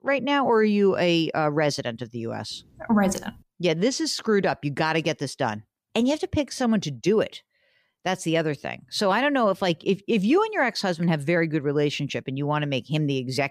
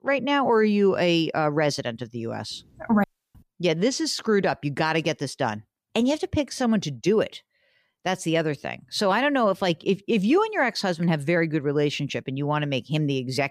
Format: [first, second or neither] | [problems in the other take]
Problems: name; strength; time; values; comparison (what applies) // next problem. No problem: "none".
first | audio cutting out; at 3 s